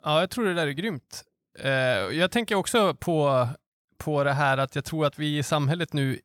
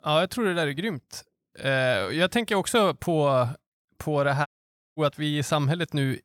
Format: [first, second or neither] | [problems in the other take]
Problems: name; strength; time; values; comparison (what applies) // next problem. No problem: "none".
first | audio cutting out; at 4.5 s for 0.5 s